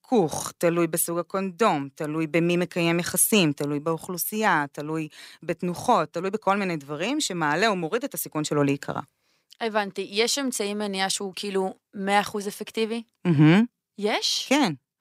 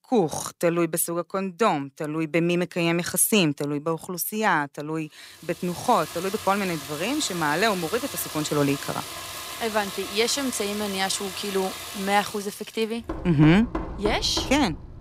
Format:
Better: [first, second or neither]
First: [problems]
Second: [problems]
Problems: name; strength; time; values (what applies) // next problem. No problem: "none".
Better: first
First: none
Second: household noises; loud; from 5.5 s on; 9 dB below the speech